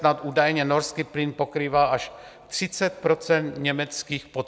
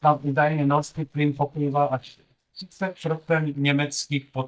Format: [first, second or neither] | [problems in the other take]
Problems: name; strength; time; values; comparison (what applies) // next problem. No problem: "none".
first | noise reduction (neural mask model DeepFilterNet 3)